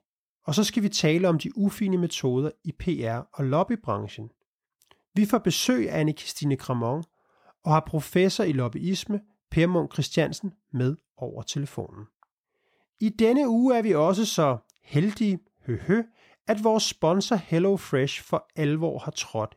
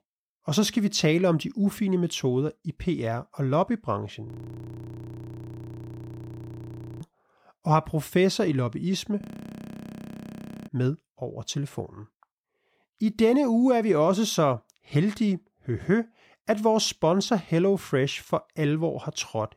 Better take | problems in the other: first | audio freezing; at 4.5 s for 2.5 s and at 9 s for 1.5 s

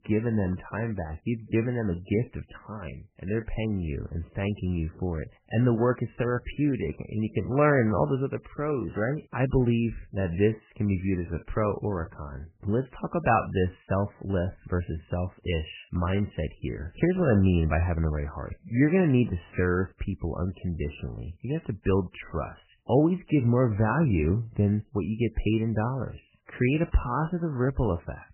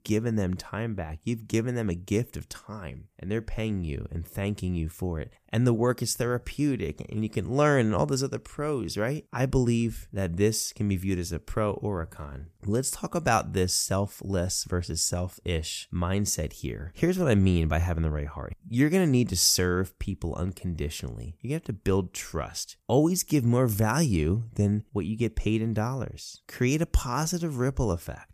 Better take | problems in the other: second | garbled, watery; badly; nothing above 3 kHz

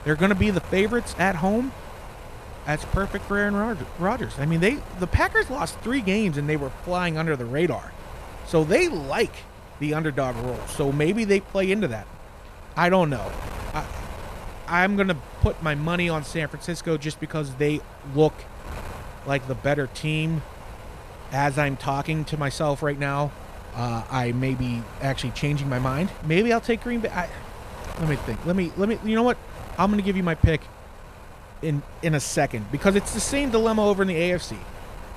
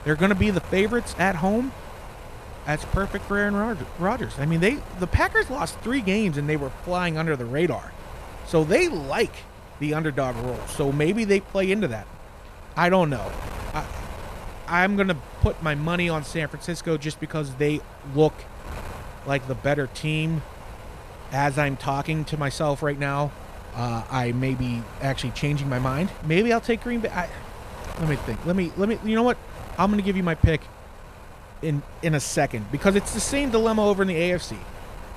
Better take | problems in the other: neither | wind noise on the microphone; occasional gusts; 15 dB below the speech; the same in both

